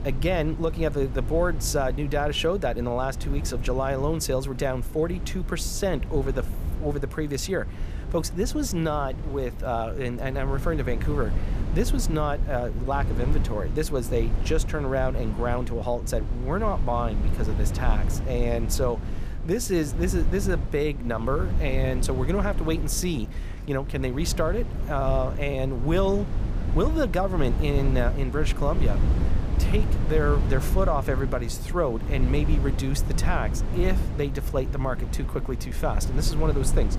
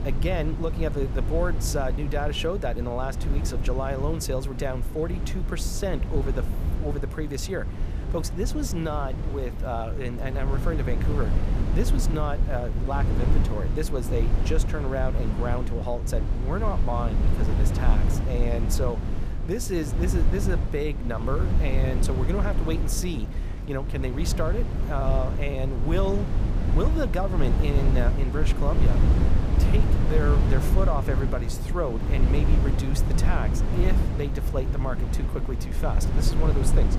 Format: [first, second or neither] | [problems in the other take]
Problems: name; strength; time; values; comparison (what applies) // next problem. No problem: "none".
first | wind noise on the microphone; heavy; 6 dB below the speech; occasional gusts in the first